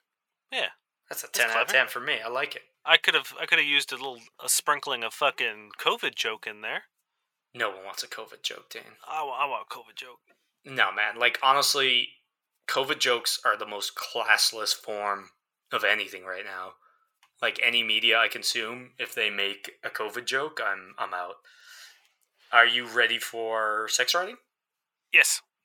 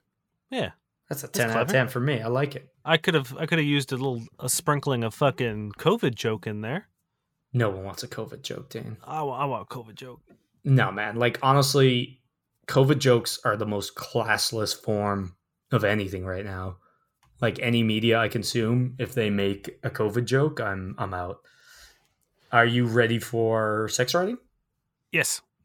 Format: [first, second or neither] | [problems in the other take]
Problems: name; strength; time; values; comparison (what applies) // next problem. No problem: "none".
second | thin; very; fading below 750 Hz